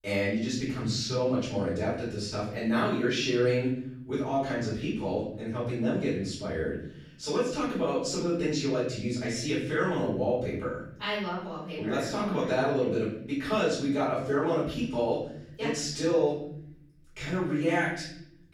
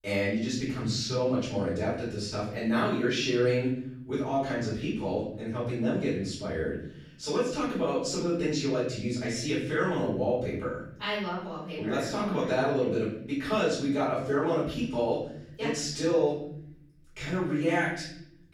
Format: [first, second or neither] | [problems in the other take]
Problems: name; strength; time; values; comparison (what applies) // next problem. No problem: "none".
neither | off-mic speech; far; the same in both // room echo; noticeable; dies away in 0.8 s; the same in both